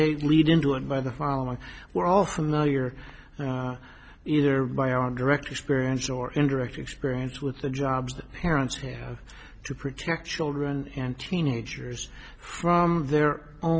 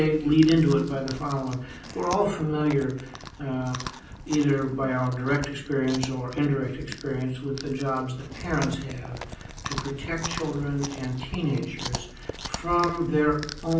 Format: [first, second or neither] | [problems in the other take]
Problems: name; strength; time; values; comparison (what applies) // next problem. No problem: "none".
first | background sound (Chewing, mastication); 12 dB below the speech // room echo; dies away in 0.6 s